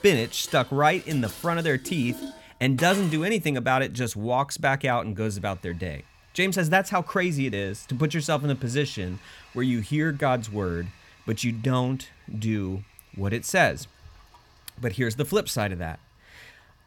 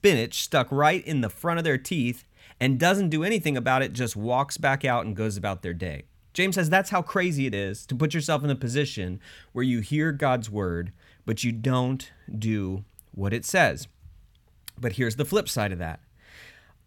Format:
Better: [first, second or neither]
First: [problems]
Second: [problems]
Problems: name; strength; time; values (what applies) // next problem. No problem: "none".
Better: second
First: household noises; noticeable; throughout; 20 dB below the speech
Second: none